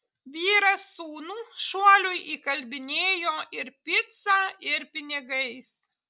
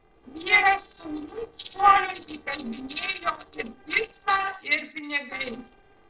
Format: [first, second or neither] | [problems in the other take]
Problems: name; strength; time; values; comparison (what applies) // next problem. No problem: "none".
first | noise reduction (neural separator model SepFormer DNS4)